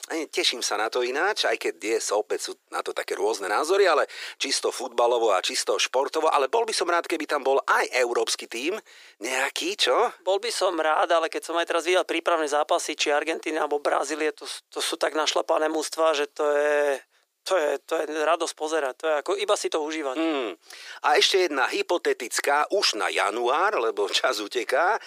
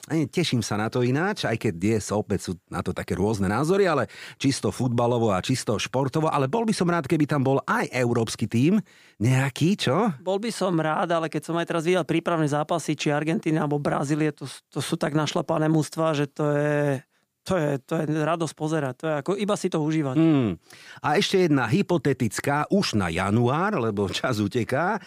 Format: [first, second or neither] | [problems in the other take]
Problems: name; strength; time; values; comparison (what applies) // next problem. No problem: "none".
second | thin; very; fading below 400 Hz